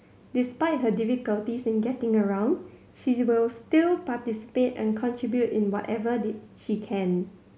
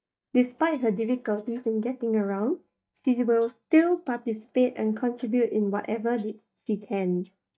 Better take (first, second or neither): first